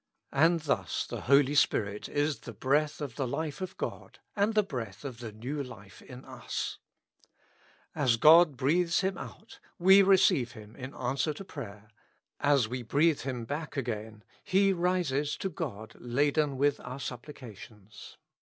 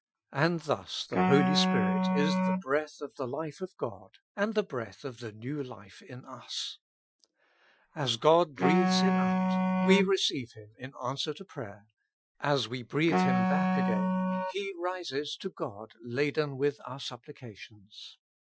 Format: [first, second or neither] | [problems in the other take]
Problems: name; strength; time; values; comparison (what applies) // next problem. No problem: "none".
first | noise reduction (classical method Wiener filter)